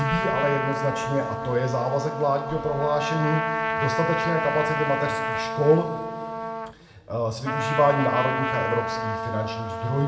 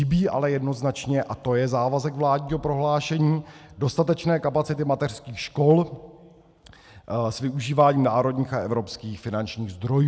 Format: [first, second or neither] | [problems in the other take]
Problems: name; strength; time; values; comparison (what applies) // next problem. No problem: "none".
second | background sound (Trumpet); 2 dB below the speech // room echo; dies away in 1.6 s